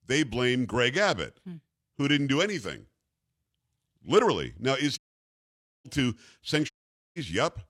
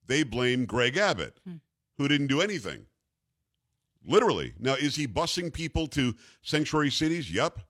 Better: second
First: audio cutting out; at 5 s for 1 s and at 6.5 s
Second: none

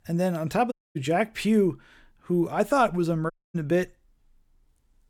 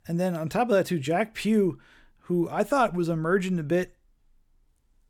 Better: second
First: audio cutting out; at 0.5 s and at 3.5 s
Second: none

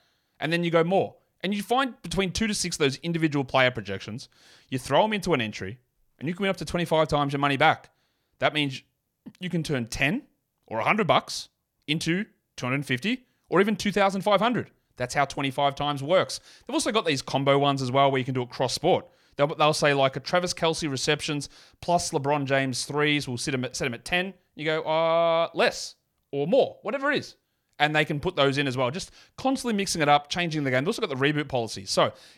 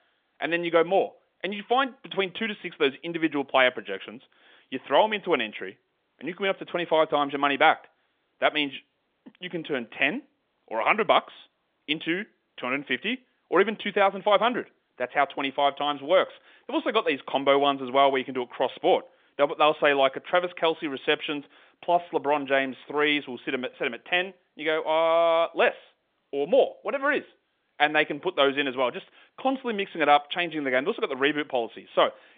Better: first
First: none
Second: phone-call audio; nothing above 3.5 kHz

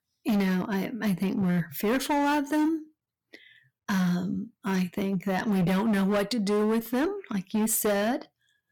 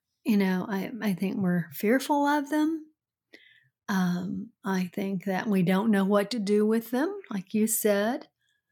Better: second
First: distortion; slight; 15% of the sound clipped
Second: none

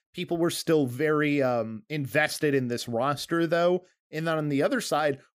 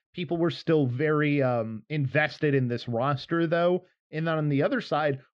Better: first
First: none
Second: muffled; very slightly; fading above 4 kHz

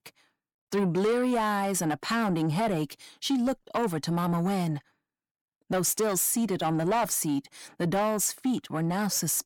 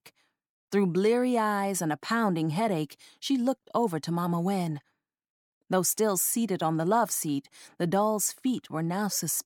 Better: second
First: distortion; slight; 10 dB below the speech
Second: none

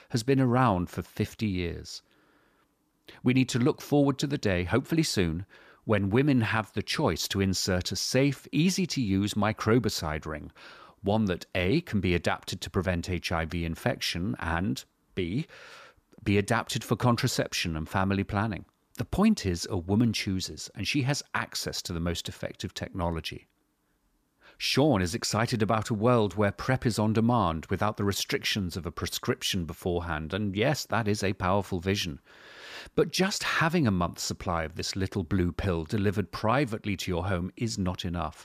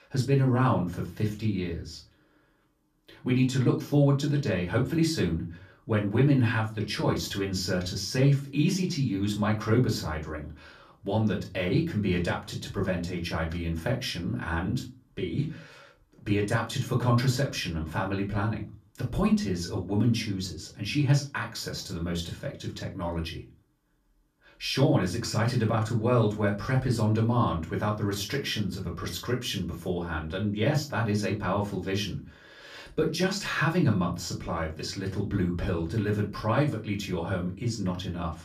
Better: first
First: none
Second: off-mic speech; far // room echo; very slight; dies away in 0.3 s

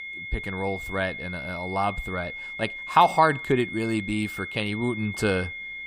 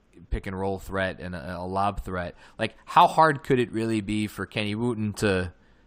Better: second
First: high-pitched whine; loud; throughout; 2 kHz, 8 dB below the speech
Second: none

